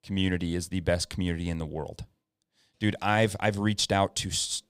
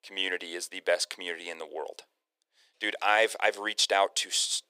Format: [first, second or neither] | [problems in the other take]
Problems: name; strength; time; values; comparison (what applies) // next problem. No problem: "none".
first | thin; very; fading below 400 Hz